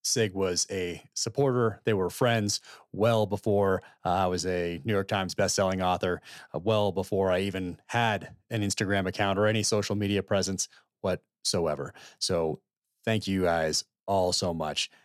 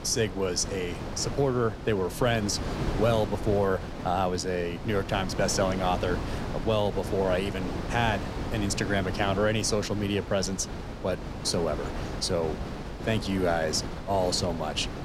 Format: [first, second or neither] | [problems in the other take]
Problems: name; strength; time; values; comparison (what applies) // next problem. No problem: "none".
first | wind noise on the microphone; heavy; 9 dB below the speech